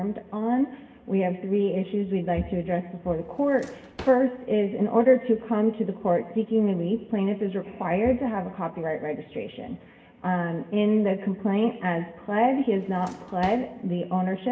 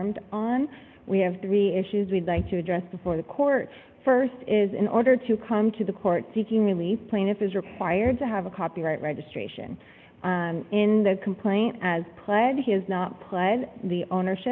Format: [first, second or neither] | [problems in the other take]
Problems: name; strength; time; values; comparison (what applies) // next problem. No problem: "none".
second | background sound (Drawer open or close); 18 dB below the speech // room echo; dies away in 1.6 s